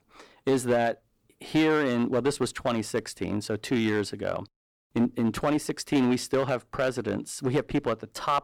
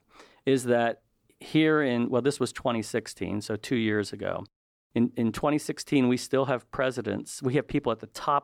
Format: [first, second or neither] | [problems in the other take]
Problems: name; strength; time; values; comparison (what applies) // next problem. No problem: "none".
second | distortion; slight; 5% of the sound clipped